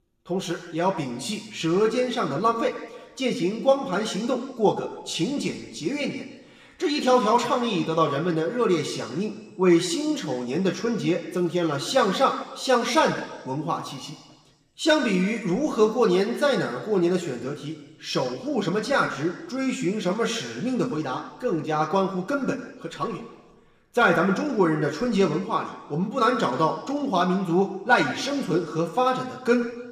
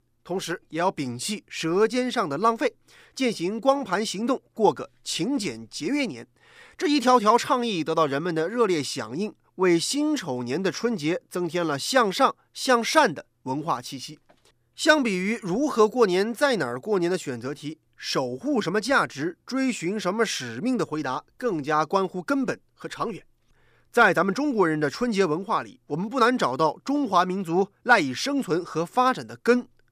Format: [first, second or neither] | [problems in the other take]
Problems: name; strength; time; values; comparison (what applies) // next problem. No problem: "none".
second | room echo; slight; dies away in 1.2 s // off-mic speech; somewhat distant